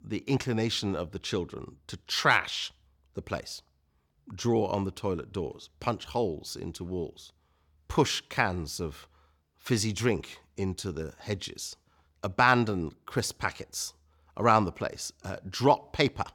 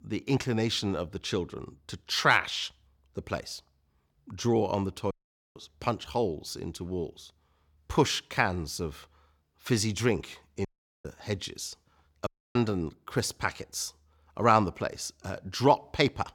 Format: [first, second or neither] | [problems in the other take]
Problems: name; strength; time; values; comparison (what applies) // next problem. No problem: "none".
first | audio cutting out; at 5 s, at 11 s and at 12 s